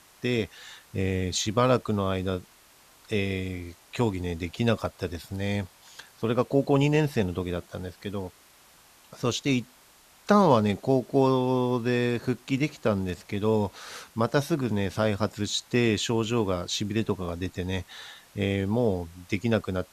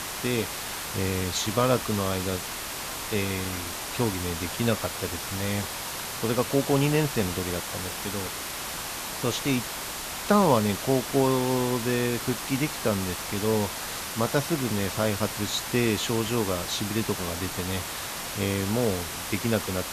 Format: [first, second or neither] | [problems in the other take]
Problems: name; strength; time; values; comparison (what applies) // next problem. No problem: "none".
first | hiss; loud; throughout; 4 dB below the speech; faint in the first